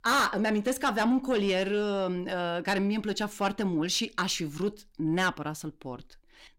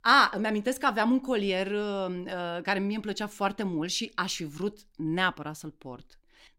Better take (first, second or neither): second